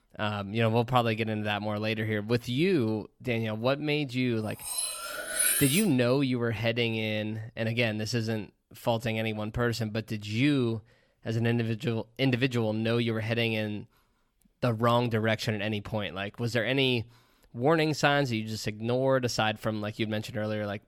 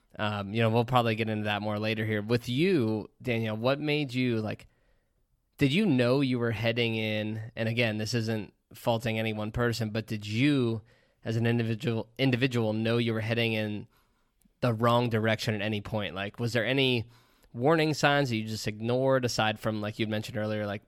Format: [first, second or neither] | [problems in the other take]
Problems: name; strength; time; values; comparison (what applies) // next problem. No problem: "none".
second | clattering dishes; loud; from 4.5 to 6 s; peak 5 dB above the speech